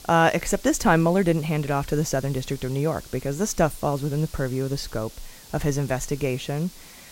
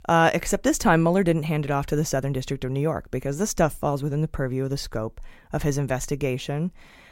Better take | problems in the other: second | hiss; noticeable; throughout; 20 dB below the speech

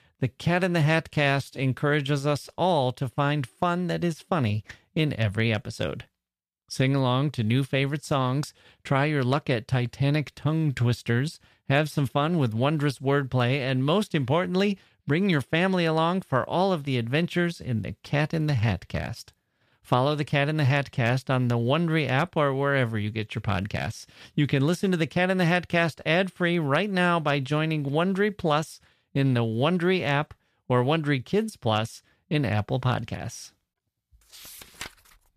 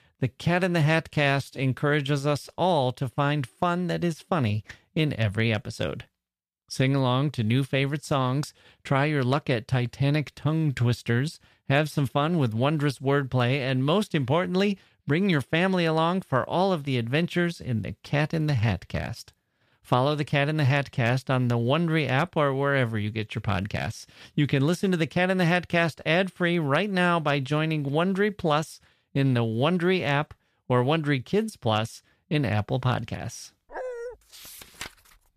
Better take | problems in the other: first | dog barking; noticeable; at 34 s; peak 9 dB below the speech

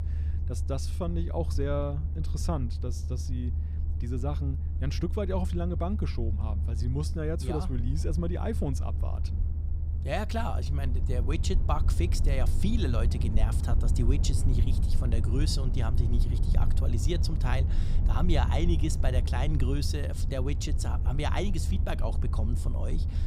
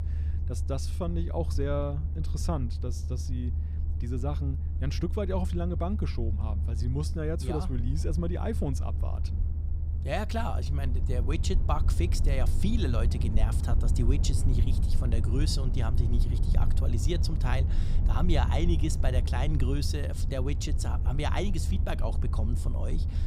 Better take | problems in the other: neither | low rumble; loud; throughout; 9 dB below the speech; the same in both

